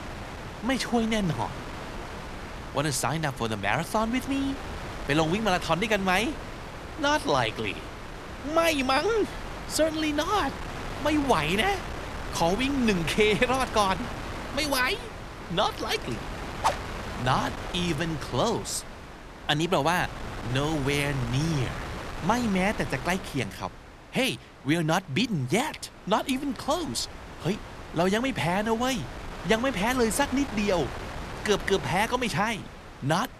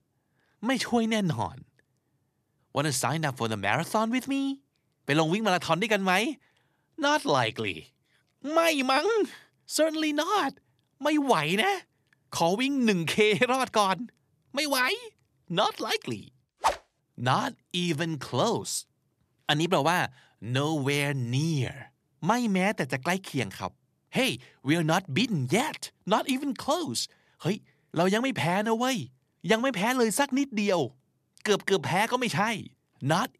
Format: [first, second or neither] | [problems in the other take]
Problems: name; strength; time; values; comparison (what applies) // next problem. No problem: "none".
second | wind noise on the microphone; occasional gusts; 10 dB below the speech